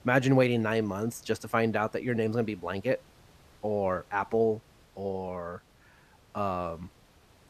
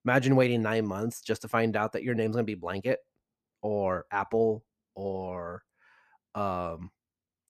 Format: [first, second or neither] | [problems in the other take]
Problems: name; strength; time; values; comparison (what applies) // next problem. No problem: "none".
second | hiss; faint; throughout; 30 dB below the speech